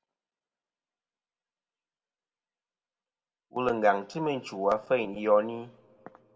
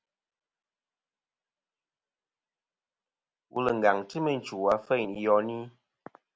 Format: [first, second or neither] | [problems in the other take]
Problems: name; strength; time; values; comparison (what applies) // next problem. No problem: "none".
second | room echo; dies away in 1 s